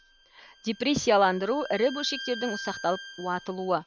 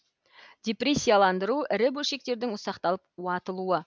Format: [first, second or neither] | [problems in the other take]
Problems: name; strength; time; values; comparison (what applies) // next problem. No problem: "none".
second | background sound (Bowed string instrument); 14 dB below the speech